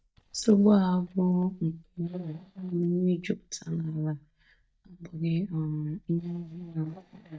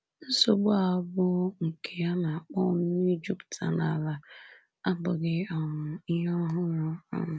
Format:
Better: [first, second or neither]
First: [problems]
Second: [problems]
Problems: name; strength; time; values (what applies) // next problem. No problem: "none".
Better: second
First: noise reduction (neural mask model DeepFilterNet 3)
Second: none